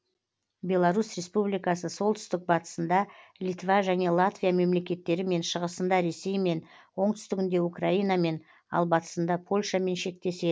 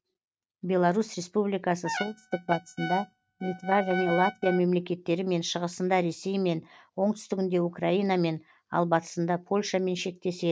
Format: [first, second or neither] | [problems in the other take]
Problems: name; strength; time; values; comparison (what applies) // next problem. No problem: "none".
first | noise reduction (neural mask model RNNoise)